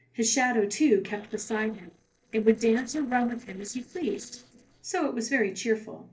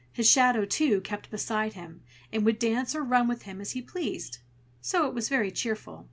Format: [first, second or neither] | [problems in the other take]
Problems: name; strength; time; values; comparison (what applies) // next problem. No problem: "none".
second | noise reduction (neural separator model SepFormer DNS4)